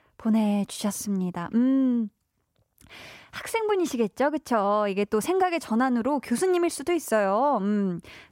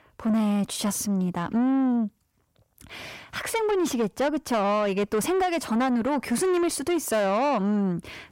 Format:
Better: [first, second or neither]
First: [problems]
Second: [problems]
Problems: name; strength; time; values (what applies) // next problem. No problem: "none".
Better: first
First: none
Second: distortion; slight; 10 dB below the speech